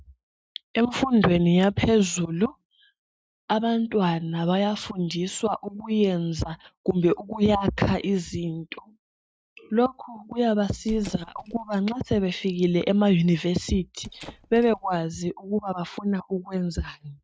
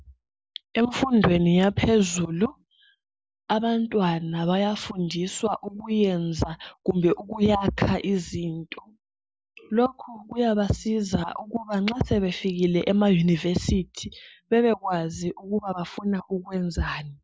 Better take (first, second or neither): second